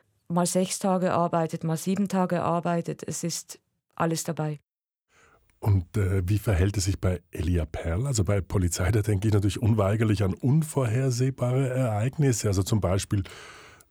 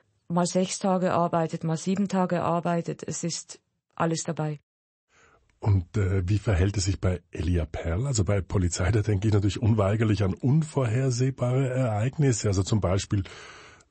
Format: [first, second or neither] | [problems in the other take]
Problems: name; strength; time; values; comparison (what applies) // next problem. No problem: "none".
first | garbled, watery; slightly; nothing above 8 kHz